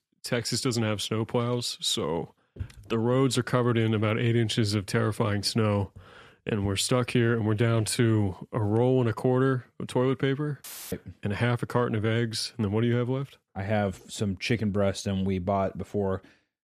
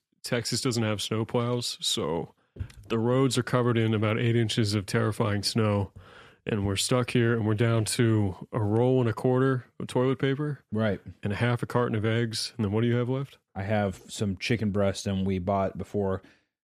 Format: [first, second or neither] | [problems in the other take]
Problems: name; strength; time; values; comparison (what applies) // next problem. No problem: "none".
second | audio cutting out; filled with static; at 11 s